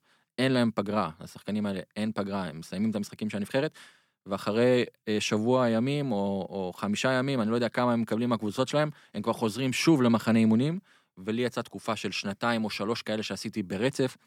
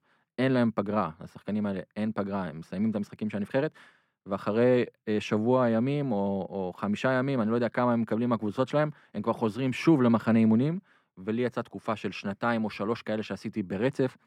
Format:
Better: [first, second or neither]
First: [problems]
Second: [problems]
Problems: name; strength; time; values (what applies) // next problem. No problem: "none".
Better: first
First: none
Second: muffled; slightly; fading above 3 kHz